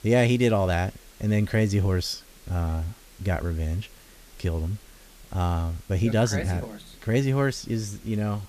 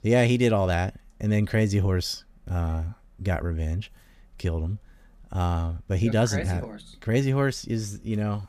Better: second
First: hiss; faint; throughout; 25 dB below the speech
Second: none

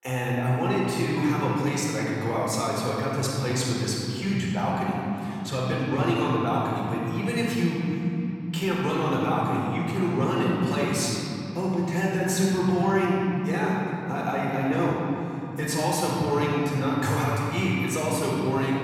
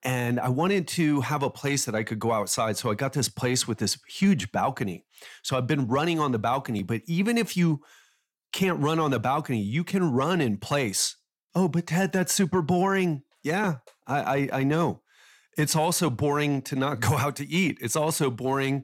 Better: second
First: off-mic speech; far // room echo; strong; dies away in 3 s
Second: none

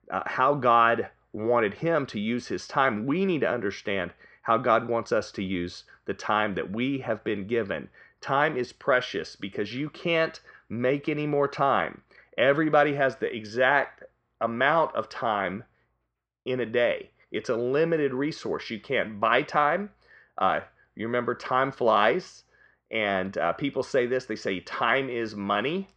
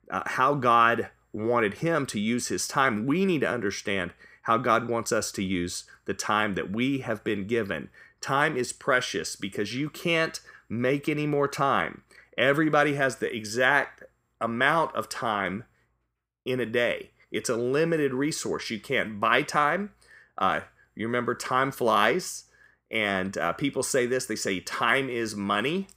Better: second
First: muffled; slightly; fading above 4.5 kHz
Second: none

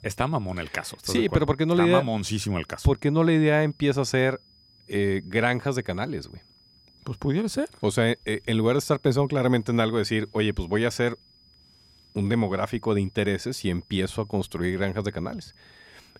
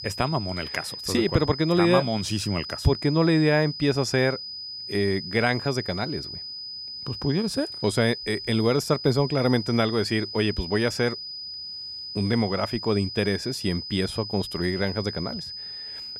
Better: first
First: high-pitched whine; faint; throughout; 5 kHz, 30 dB below the speech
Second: high-pitched whine; loud; throughout; 5 kHz, 9 dB below the speech

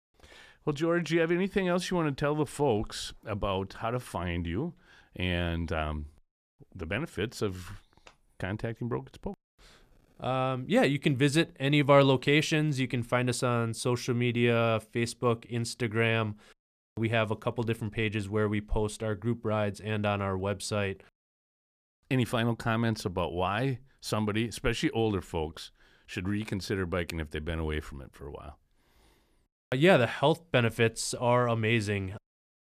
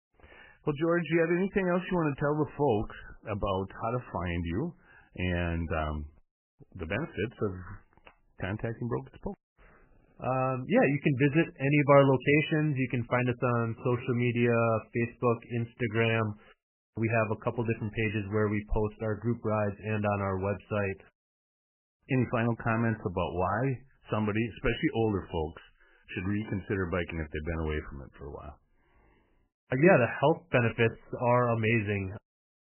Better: first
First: none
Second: garbled, watery; badly; nothing above 3 kHz

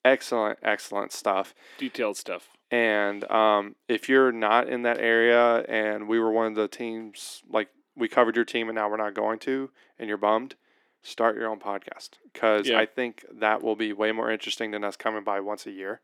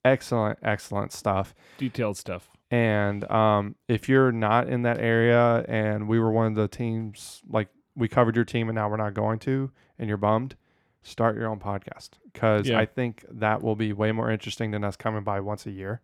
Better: second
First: thin; somewhat; fading below 300 Hz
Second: none

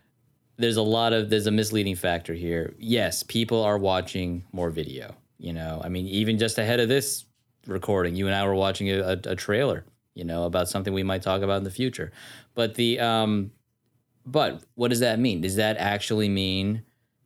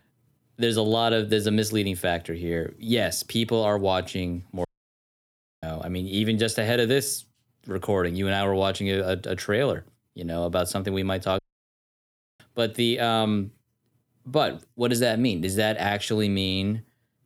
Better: first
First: none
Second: audio cutting out; at 4.5 s for 1 s and at 11 s for 1 s

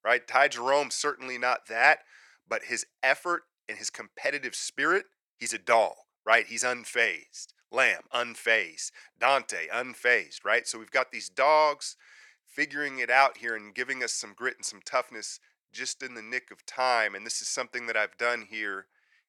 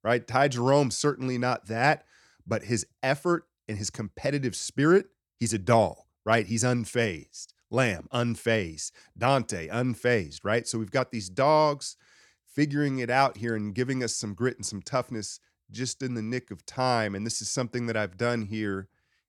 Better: second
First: thin; very; fading below 650 Hz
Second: none

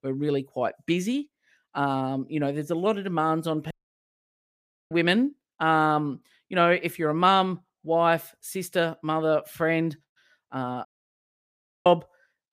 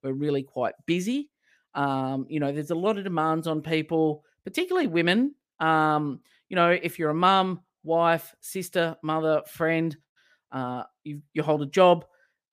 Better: second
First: audio cutting out; at 3.5 s for 1 s and at 11 s for 1 s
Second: none

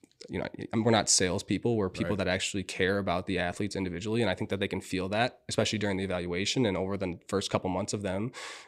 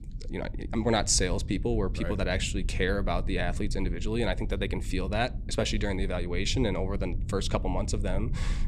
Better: first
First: none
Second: low rumble; noticeable; throughout; 20 dB below the speech

